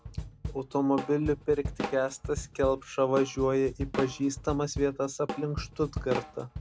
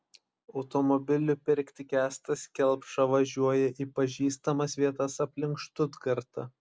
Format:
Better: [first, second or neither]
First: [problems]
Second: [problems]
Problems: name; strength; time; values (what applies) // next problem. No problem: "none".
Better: second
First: background sound (Drum kit); 9 dB below the speech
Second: none